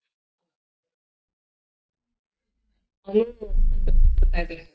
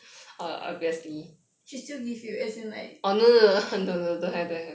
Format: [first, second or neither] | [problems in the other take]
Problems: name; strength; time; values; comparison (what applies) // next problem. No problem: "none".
second | noise reduction (neural mask model DeepFilterNet 3)